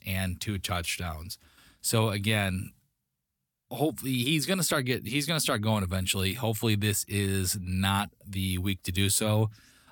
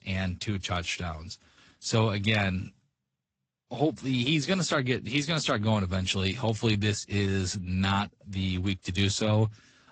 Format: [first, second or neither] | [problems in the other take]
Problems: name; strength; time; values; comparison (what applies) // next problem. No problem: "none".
first | garbled, watery; slightly; nothing above 8 kHz